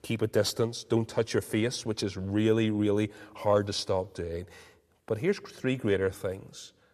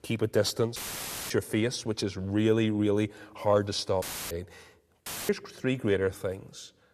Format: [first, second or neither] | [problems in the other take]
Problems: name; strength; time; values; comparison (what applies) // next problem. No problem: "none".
first | audio cutting out; filled with static; at 1 s for 0.5 s, at 4 s and at 5 s